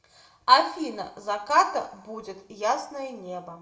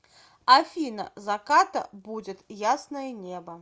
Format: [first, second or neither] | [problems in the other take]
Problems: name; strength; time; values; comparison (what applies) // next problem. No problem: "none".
second | room echo; dies away in 1 s